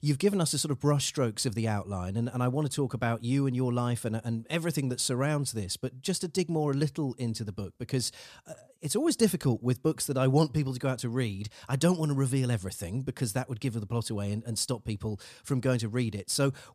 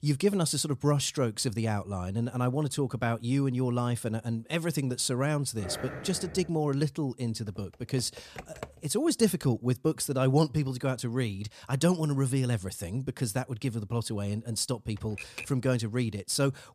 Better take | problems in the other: first | dog barking; noticeable; at 5.5 s; peak 9 dB below the speech // keyboard typing; faint; from 7.5 to 9 s and at 15 s; peak 10 dB below the speech

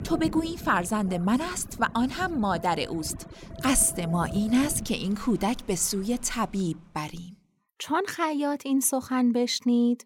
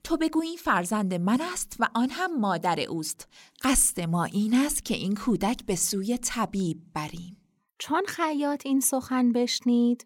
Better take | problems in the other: second | rain or running water; noticeable; until 6.5 s; 15 dB below the speech

